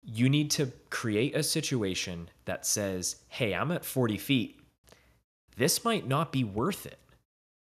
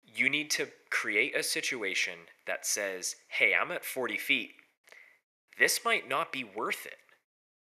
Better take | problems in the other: first | thin; very; fading below 500 Hz

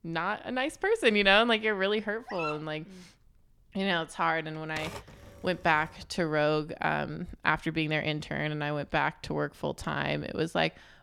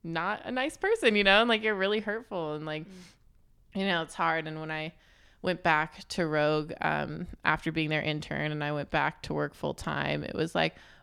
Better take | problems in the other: second | dog barking; noticeable; at 2.5 s; peak 8 dB below the speech // keyboard typing; faint; from 4.5 to 6 s; peak 10 dB below the speech

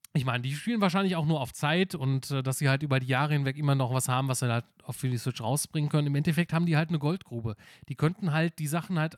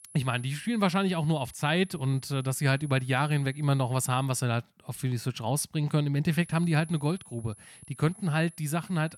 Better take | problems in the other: first | high-pitched whine; faint; until 4.5 s and from 6.5 s on; 10.5 kHz, 20 dB below the speech

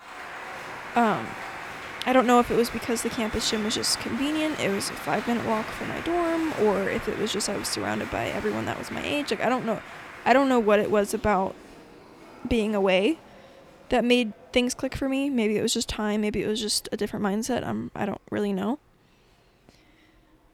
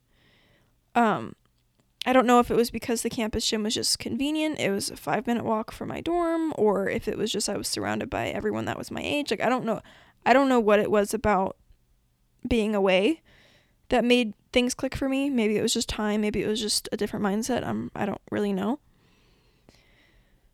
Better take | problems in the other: second | crowd noise; noticeable; throughout; 10 dB below the speech

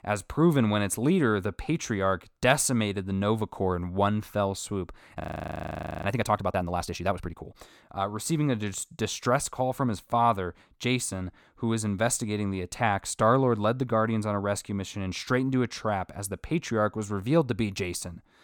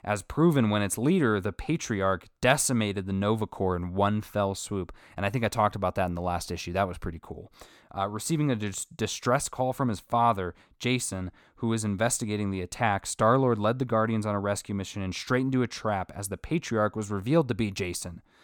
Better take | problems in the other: second | audio freezing; at 5 s for 1 s

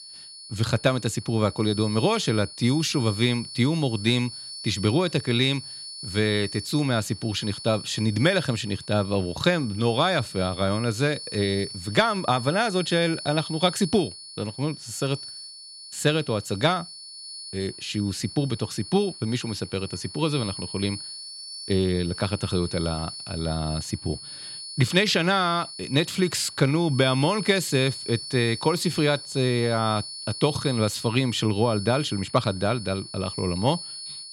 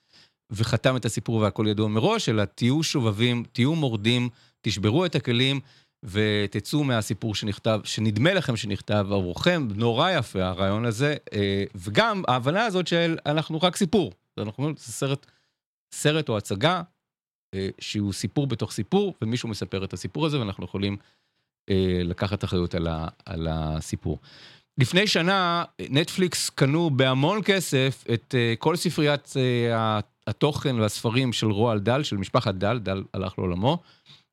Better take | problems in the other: second | high-pitched whine; noticeable; throughout; 4.5 kHz, 10 dB below the speech

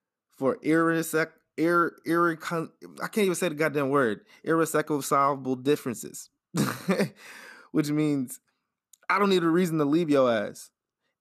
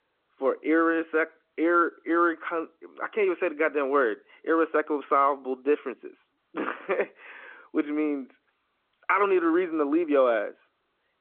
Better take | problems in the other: first | phone-call audio

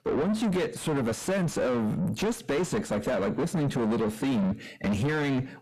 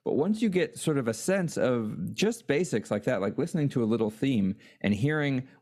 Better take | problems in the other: second | distortion; heavy; 6 dB below the speech

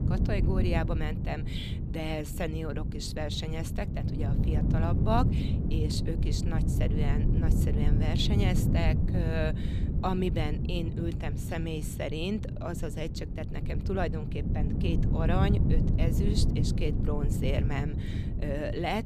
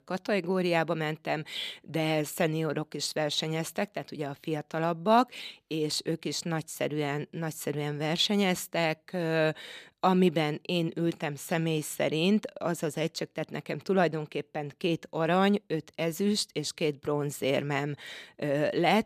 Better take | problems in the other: second | wind noise on the microphone; heavy; 5 dB below the speech

